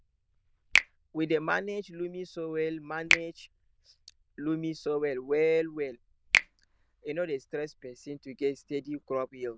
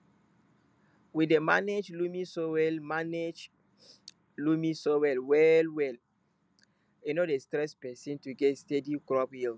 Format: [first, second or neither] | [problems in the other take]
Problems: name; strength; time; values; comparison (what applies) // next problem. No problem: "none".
second | noise reduction (neural diffusion model UNIVERSE++)